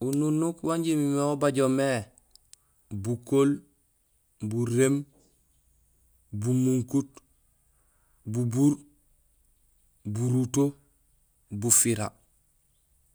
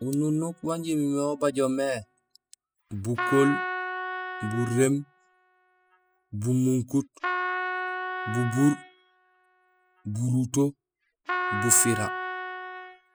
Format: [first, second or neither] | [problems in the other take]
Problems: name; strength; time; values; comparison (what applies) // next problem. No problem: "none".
first | noise reduction (classical method spectral subtraction)